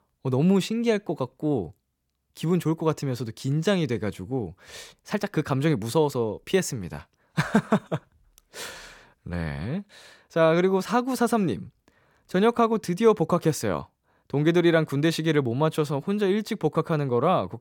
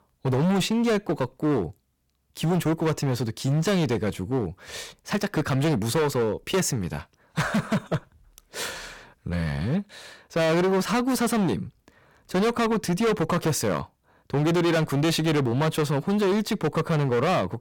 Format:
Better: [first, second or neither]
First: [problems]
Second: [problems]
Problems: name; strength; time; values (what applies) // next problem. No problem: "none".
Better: first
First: none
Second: distortion; heavy; 18% of the sound clipped